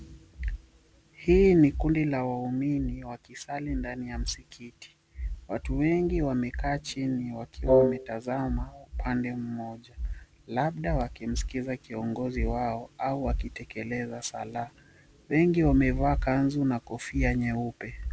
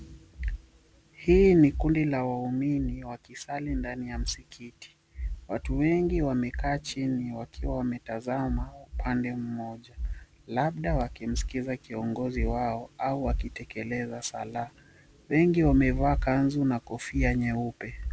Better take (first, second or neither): second